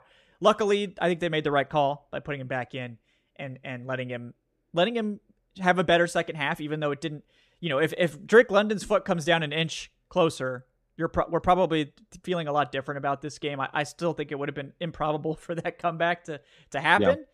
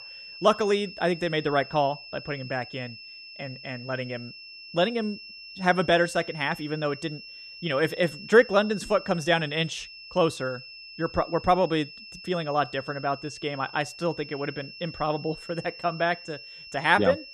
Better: first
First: none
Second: high-pitched whine; noticeable; throughout; 5.5 kHz, 15 dB below the speech

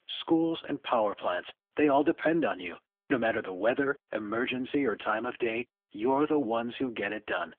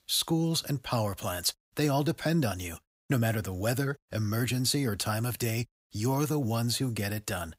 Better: second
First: phone-call audio; nothing above 3.5 kHz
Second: none

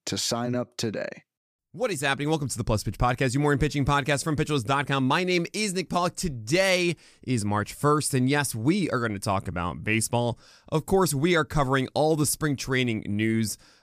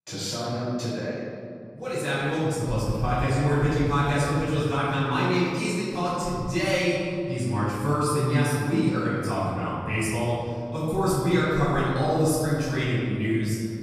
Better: first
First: none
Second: off-mic speech; far // room echo; strong; dies away in 2.3 s

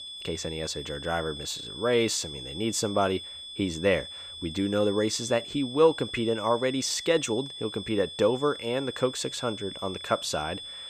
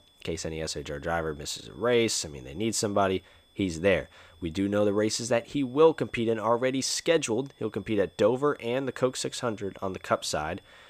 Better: second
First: high-pitched whine; loud; throughout; 3.5 kHz, 10 dB below the speech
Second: high-pitched whine; faint; throughout; 3.5 kHz, 30 dB below the speech

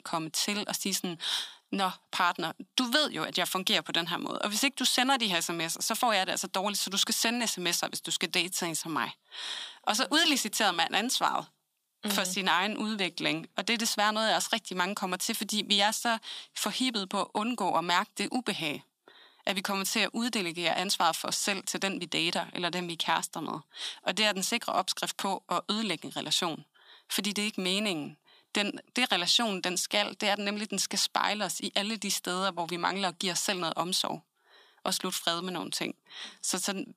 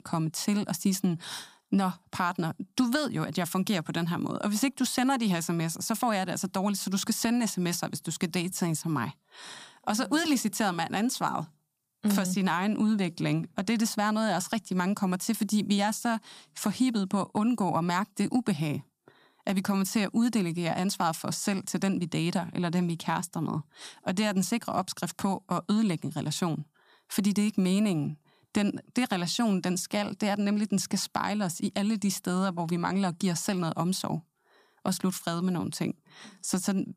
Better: second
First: thin; somewhat; fading below 350 Hz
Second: none

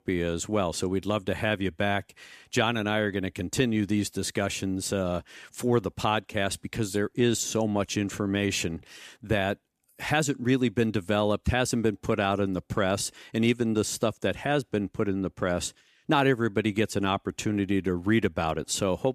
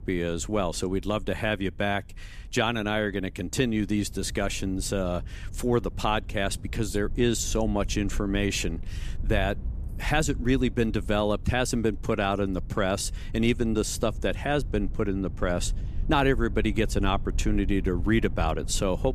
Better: first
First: none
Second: low rumble; faint; throughout; 25 dB below the speech

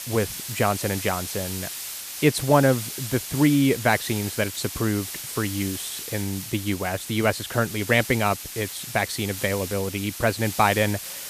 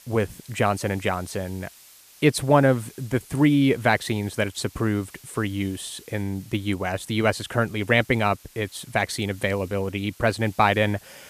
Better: second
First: hiss; loud; throughout; 8 dB below the speech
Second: hiss; faint; throughout; 25 dB below the speech

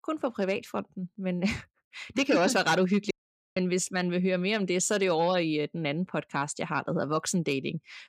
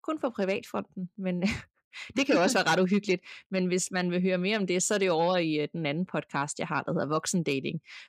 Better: second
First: audio cutting out; at 3 s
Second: none

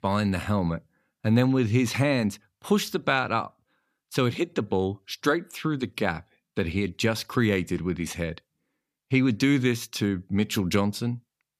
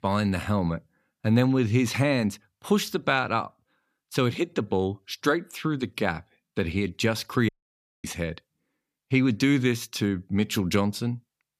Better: first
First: none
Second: audio cutting out; at 7.5 s for 0.5 s

